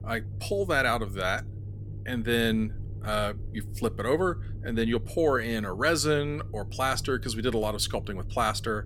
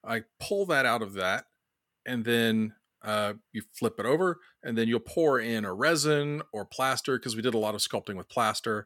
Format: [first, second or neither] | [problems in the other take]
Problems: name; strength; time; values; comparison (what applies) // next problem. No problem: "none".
second | low rumble; faint; throughout; 25 dB below the speech